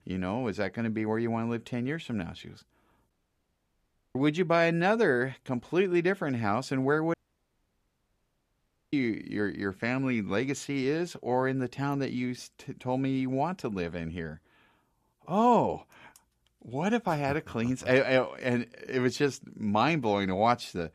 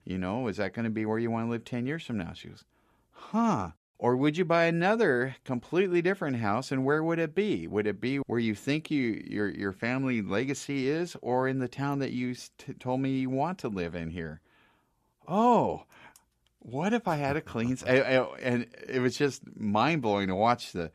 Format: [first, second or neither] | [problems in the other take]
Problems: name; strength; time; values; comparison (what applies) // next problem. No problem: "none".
second | audio cutting out; at 3 s for 1 s and at 7 s for 2 s